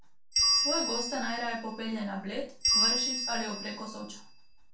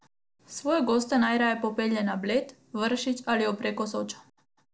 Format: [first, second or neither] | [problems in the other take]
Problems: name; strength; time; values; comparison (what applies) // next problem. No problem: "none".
second | background sound (Bell); 5 dB above the speech // room echo; dies away in 0.3 s